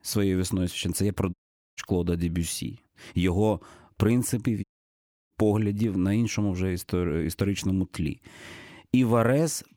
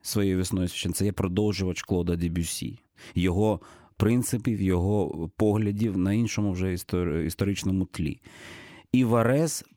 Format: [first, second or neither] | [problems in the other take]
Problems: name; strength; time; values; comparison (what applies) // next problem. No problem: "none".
second | audio cutting out; at 1.5 s and at 4.5 s for 0.5 s